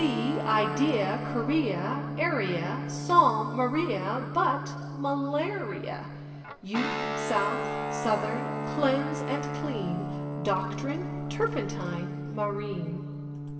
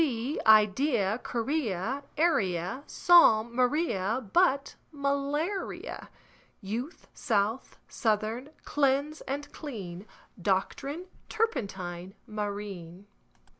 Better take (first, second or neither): second